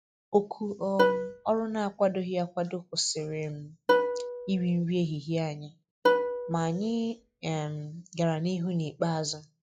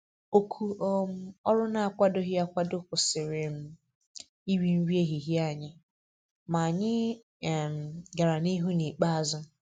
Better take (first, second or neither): second